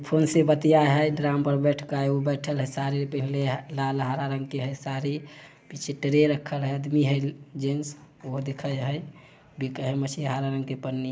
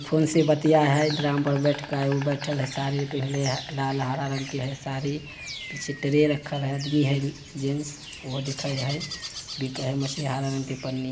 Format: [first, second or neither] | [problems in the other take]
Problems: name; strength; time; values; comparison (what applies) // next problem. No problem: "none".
first | background sound (Insect); 13 dB below the speech